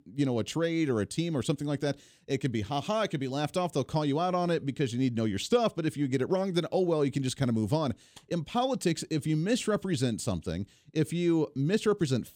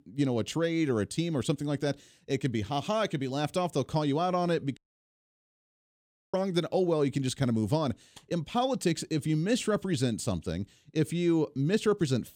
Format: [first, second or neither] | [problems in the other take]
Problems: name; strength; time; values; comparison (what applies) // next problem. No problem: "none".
first | audio cutting out; at 5 s for 1.5 s